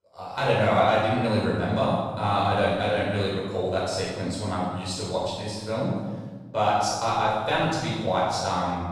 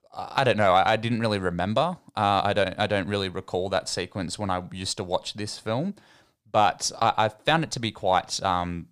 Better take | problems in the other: second | off-mic speech; far // room echo; strong; dies away in 1.3 s

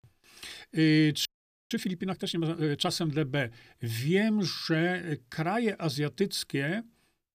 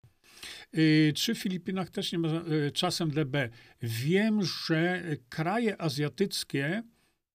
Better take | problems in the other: second | audio freezing; at 1.5 s

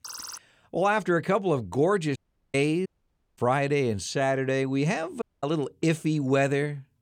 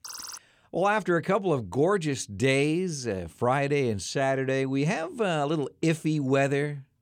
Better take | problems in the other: second | audio cutting out; at 2 s, at 3 s for 0.5 s and at 5 s

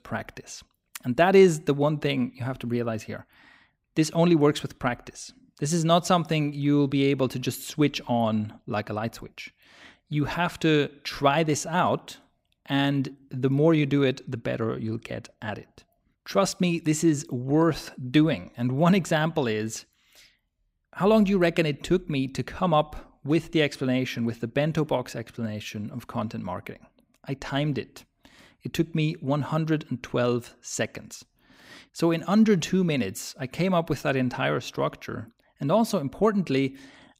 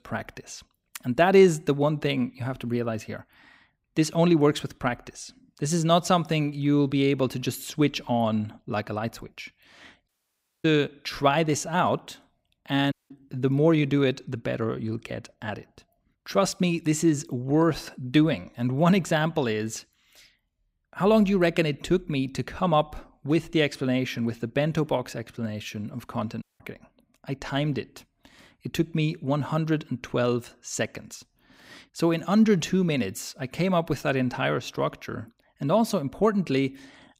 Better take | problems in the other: first | audio cutting out; at 10 s for 0.5 s, at 13 s and at 26 s

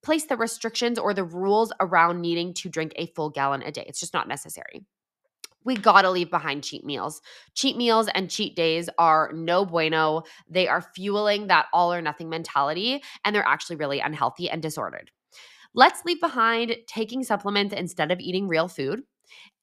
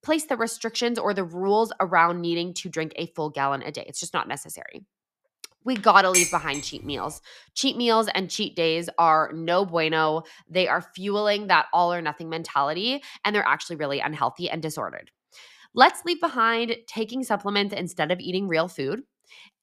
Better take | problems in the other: first | clattering dishes; loud; at 6 s; peak 3 dB above the speech

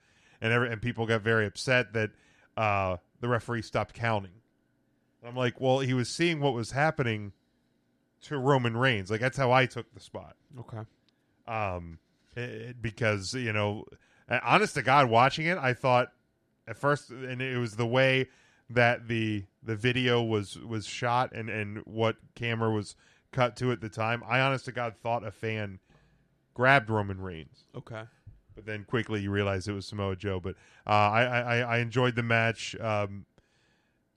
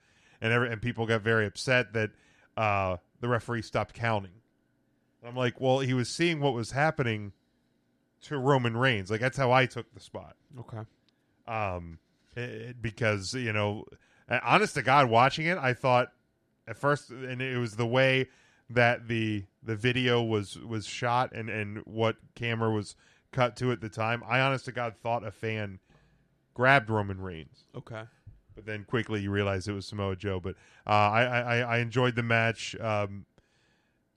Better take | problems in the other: neither | none

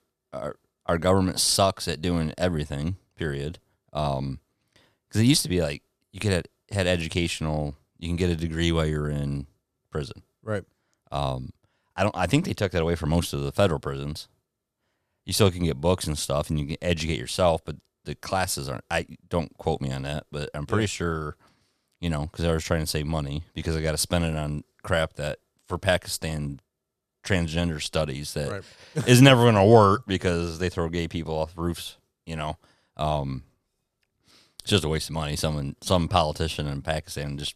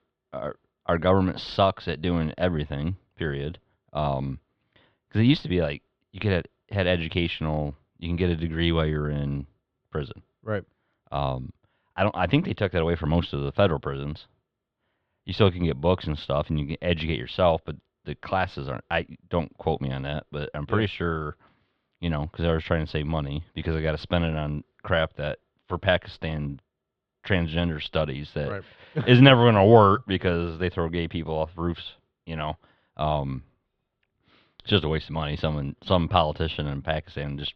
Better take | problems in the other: first | muffled; very; fading above 3.5 kHz

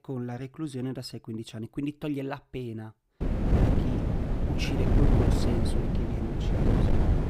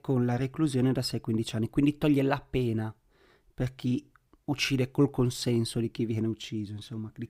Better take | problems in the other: second | wind noise on the microphone; heavy; from 3 s on; 4 dB above the speech

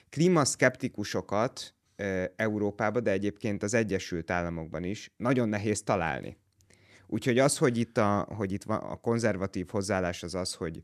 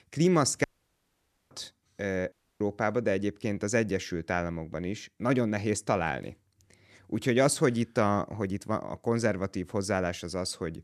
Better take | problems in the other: first | audio cutting out; at 0.5 s for 1 s and at 2.5 s

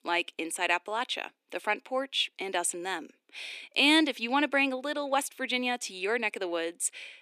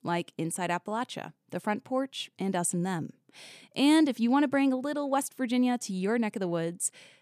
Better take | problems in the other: second | thin; somewhat; fading below 300 Hz

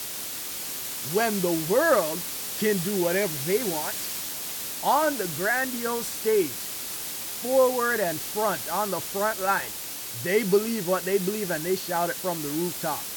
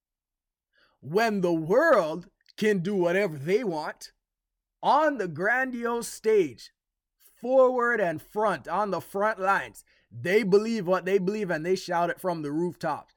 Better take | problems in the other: second | hiss; loud; throughout; 4 dB below the speech

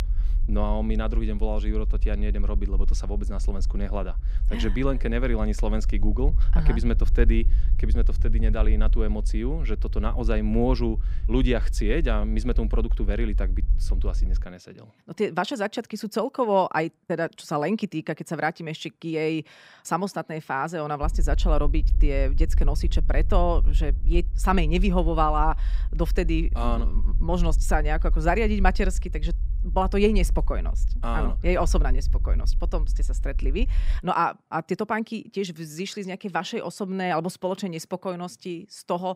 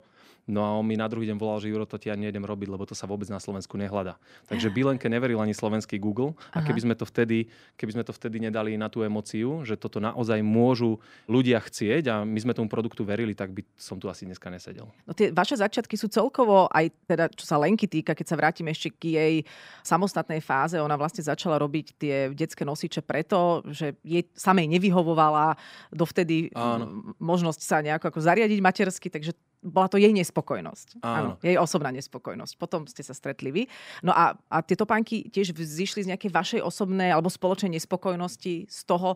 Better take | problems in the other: second | low rumble; faint; until 14 s and from 21 to 34 s; 20 dB below the speech

